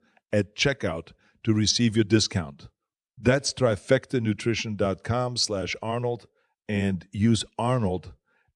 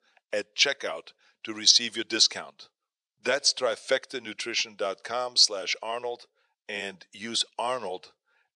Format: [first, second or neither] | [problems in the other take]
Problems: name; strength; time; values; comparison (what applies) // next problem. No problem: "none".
first | thin; very; fading below 600 Hz